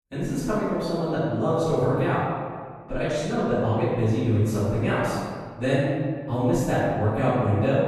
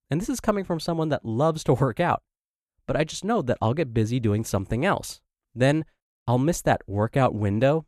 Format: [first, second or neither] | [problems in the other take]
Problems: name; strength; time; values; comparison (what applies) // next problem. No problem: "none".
second | off-mic speech; far // room echo; strong; dies away in 1.6 s